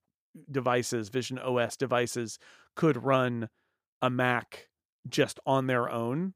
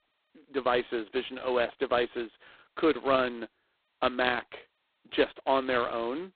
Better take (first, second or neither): first